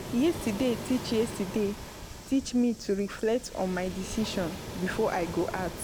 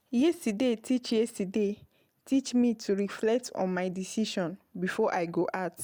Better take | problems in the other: second | background sound (Waves, surf); 10 dB below the speech

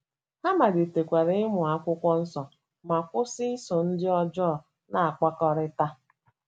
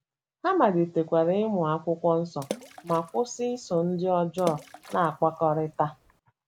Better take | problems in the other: first | background sound (Water / Splash, splatter); 16 dB below the speech

